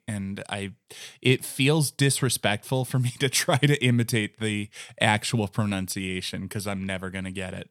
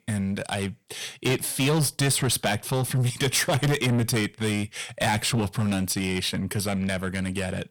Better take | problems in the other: first | distortion; heavy; 6 dB below the speech

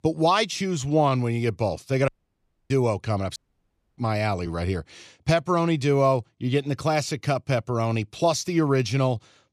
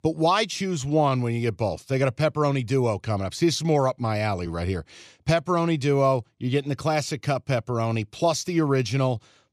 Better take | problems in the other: second | audio cutting out; at 2 s for 0.5 s and at 3.5 s for 0.5 s

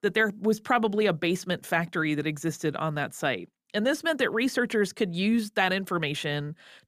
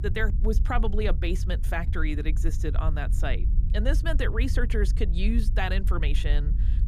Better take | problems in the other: first | low rumble; noticeable; throughout; 15 dB below the speech

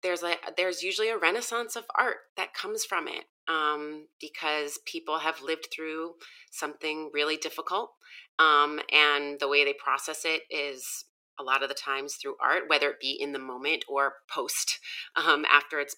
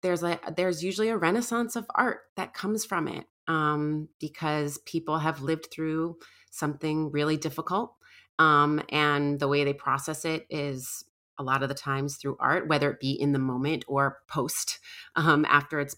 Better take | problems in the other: second | thin; very; fading below 400 Hz

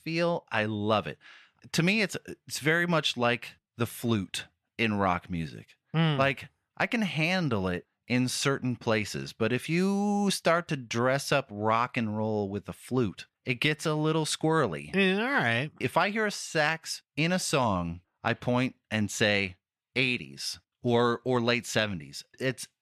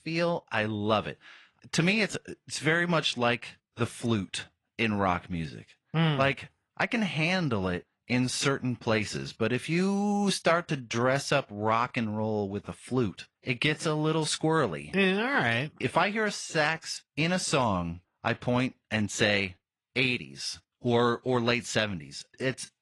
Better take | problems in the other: first | garbled, watery; slightly; nothing above 10 kHz

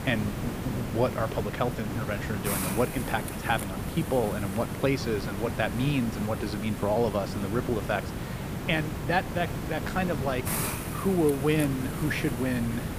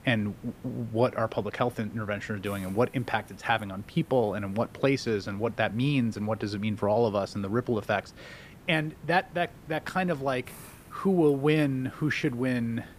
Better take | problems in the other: second | hiss; loud; throughout; 4 dB below the speech; faint in the second

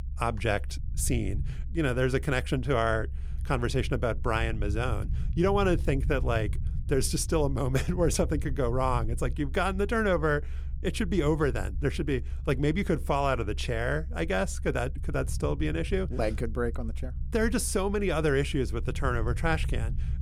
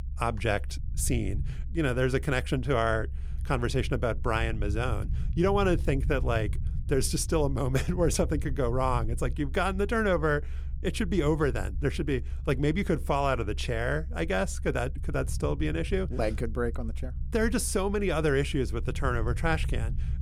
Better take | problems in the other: neither | low rumble; faint; throughout; 20 dB below the speech; the same in both

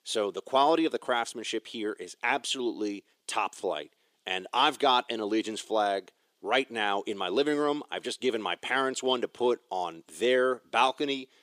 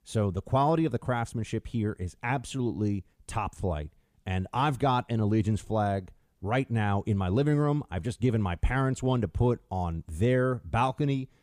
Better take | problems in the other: second | thin; somewhat; fading below 350 Hz

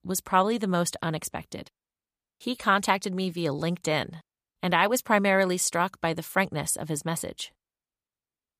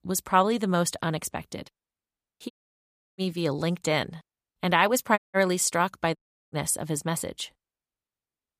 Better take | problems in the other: first | audio cutting out; at 2.5 s for 0.5 s, at 5 s and at 6 s

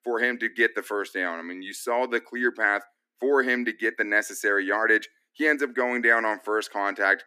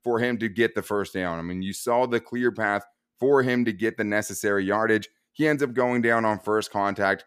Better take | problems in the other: second | thin; somewhat; fading below 250 Hz

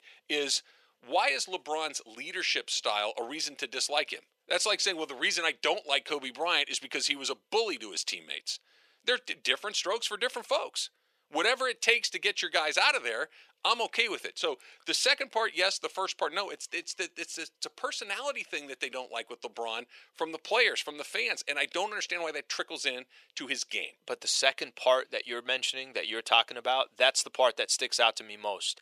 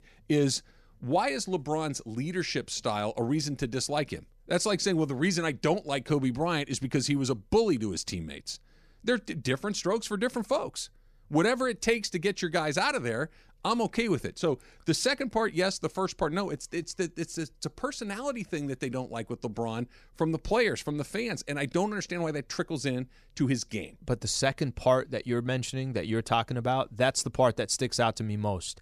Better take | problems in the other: second | thin; very; fading below 500 Hz

